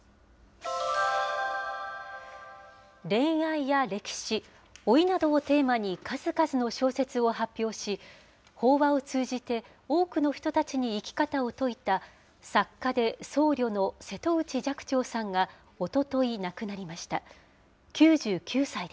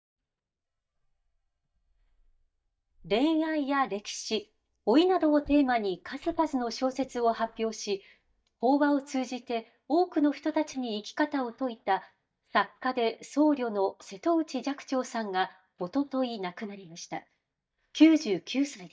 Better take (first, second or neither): first